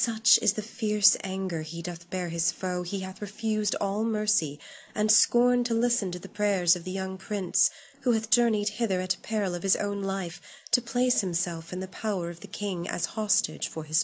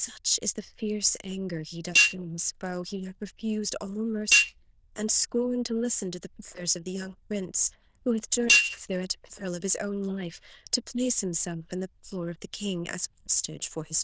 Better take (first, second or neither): first